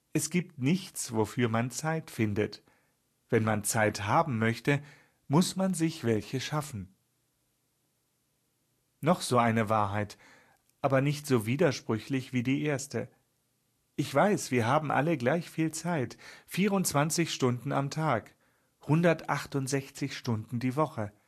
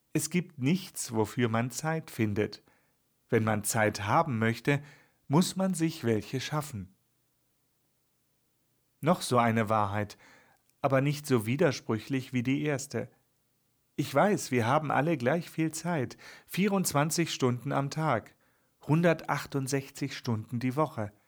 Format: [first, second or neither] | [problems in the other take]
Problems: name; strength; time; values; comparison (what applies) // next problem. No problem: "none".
second | garbled, watery; slightly; nothing above 12.5 kHz